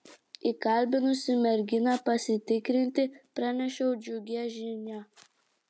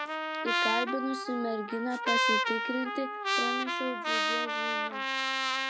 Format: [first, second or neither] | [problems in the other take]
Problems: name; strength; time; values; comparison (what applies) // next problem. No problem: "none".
first | background sound (Trumpet); 5 dB above the speech